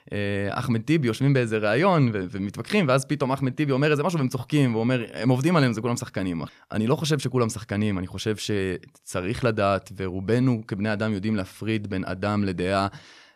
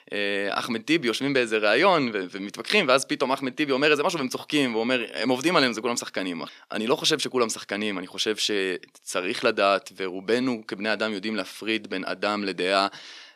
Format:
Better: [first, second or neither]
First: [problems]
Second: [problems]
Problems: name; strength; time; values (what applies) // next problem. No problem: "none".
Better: first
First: none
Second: thin; somewhat; fading below 250 Hz